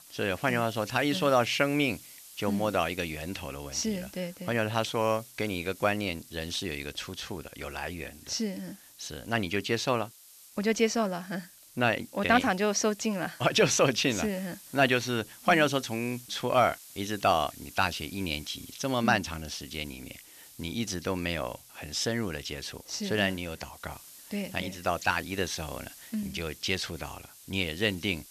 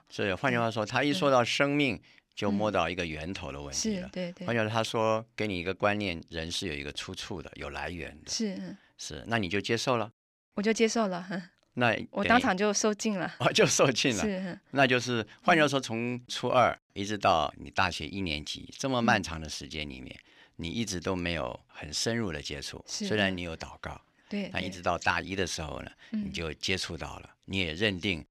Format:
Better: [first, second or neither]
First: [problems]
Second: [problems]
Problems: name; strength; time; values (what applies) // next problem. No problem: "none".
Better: second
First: hiss; noticeable; throughout; 20 dB below the speech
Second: none